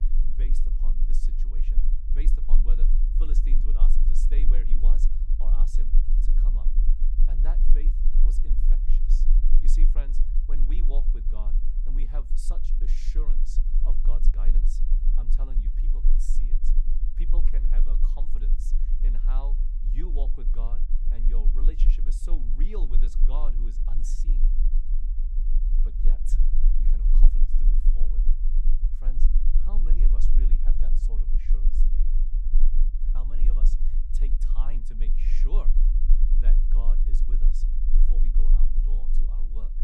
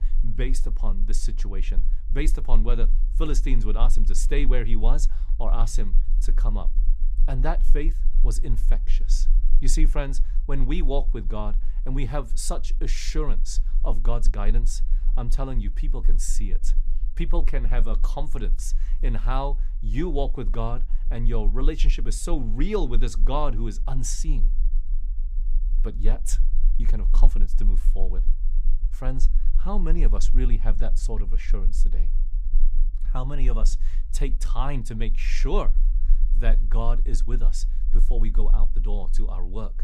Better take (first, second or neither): second